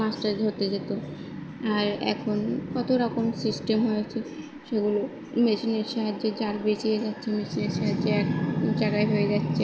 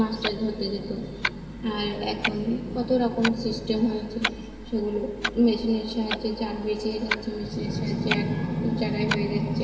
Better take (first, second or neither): first